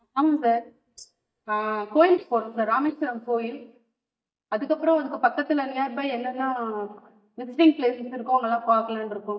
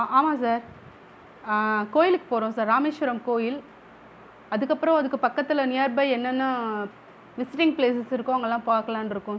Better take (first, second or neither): second